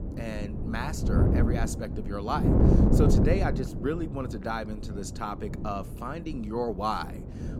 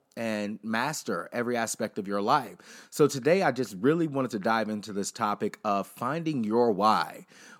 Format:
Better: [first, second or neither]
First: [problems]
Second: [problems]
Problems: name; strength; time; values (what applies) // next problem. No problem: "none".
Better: second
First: wind noise on the microphone; heavy; 1 dB below the speech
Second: none